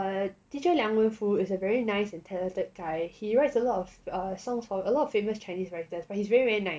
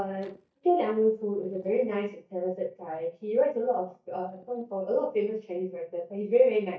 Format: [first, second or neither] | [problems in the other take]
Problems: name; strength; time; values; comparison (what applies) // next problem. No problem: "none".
first | noise reduction (neural mask model DeepFilterNet 3)